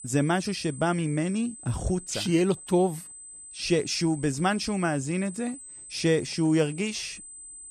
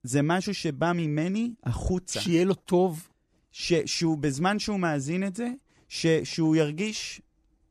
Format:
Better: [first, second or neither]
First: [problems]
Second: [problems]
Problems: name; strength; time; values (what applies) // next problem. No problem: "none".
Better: second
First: high-pitched whine; noticeable; throughout; 8 kHz, 15 dB below the speech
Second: none